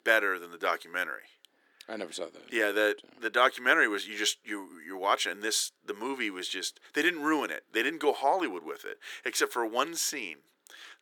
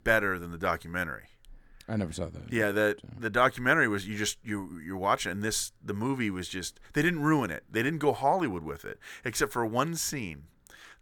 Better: second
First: thin; somewhat; fading below 350 Hz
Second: none

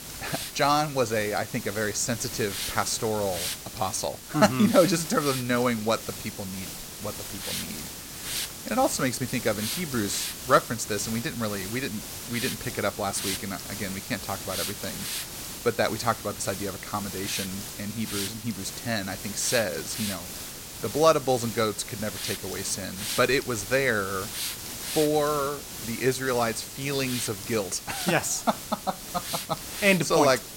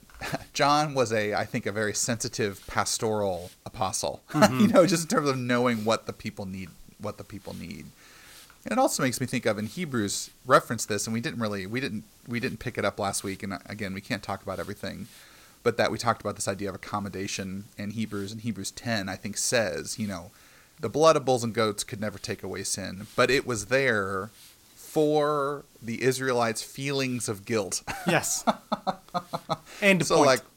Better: second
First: hiss; loud; throughout; 6 dB below the speech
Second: hiss; faint; throughout; 25 dB below the speech

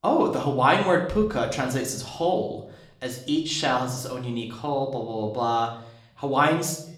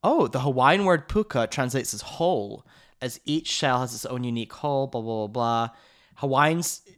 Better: second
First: room echo; slight; dies away in 0.6 s // off-mic speech; somewhat distant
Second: none

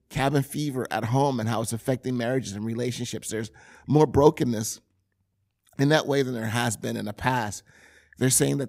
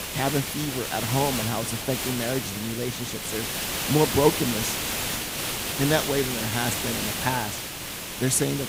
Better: first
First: none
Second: hiss; loud; throughout; 1 dB below the speech

